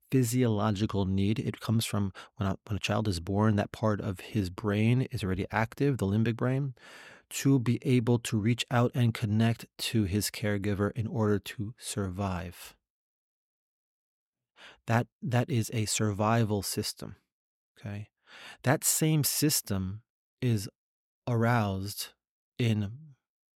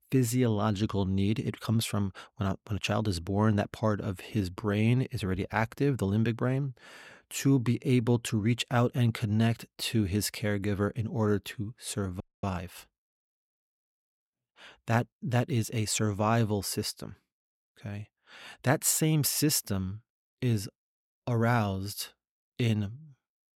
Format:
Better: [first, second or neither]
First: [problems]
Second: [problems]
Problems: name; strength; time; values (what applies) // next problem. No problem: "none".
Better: first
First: none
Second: audio freezing; at 12 s